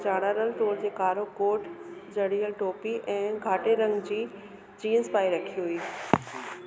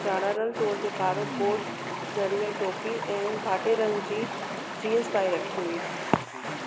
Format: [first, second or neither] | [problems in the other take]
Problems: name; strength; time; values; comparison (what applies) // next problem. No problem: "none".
first | background sound (Stream); 6 dB below the speech